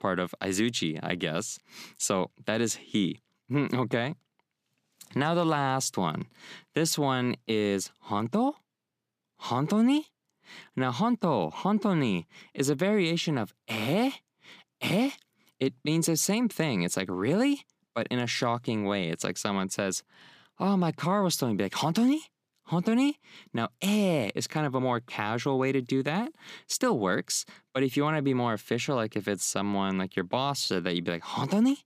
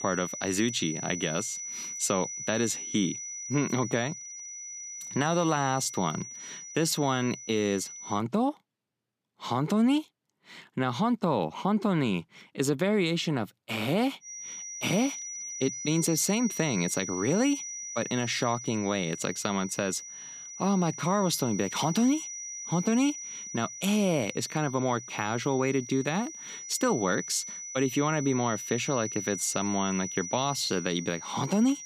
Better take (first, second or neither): first